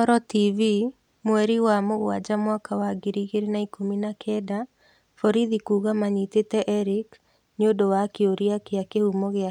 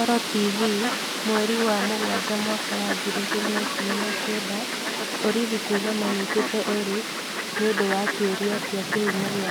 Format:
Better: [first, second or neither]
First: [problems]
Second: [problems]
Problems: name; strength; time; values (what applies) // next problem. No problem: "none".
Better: first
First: none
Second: background sound (Fowl); 1 dB below the speech